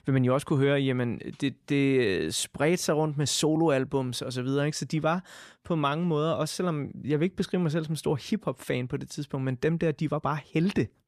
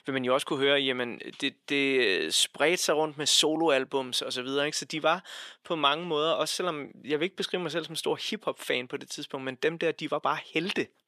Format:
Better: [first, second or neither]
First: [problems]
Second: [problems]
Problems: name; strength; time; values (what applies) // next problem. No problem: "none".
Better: first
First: none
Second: thin; somewhat; fading below 400 Hz